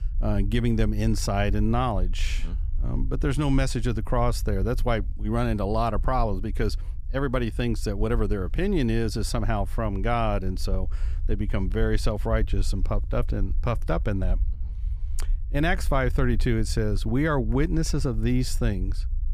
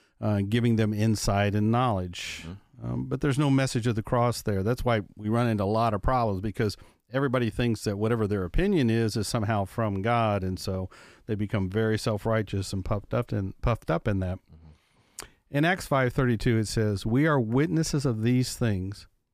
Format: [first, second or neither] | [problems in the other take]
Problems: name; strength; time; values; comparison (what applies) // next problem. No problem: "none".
second | low rumble; faint; throughout; 25 dB below the speech